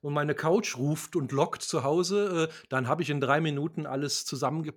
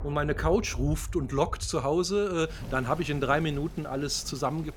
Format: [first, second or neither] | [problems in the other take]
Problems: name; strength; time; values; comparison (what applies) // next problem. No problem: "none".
first | rain or running water; noticeable; throughout; 10 dB below the speech